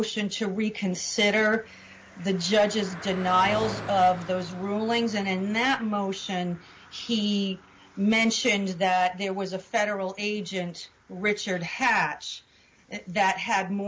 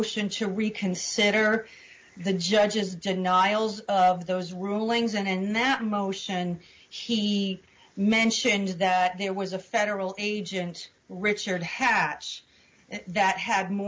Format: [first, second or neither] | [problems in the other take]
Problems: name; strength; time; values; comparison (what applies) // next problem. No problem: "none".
second | background sound (Car passing by); 18 dB below the speech